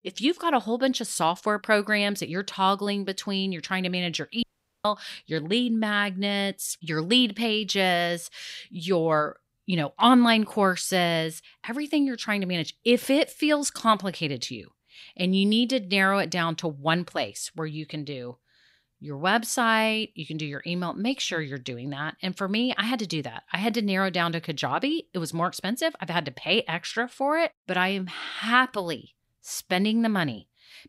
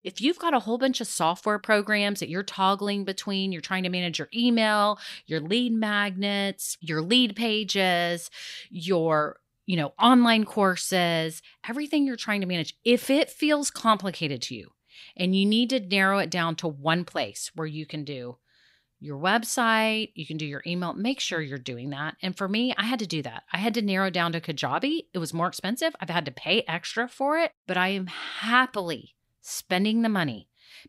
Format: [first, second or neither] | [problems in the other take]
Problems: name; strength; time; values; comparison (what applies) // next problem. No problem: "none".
second | audio cutting out; at 4.5 s